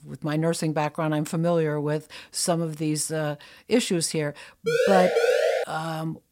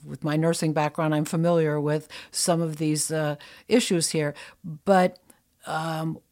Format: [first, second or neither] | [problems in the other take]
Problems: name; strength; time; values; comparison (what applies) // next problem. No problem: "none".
second | siren; loud; at 4.5 s; peak 5 dB above the speech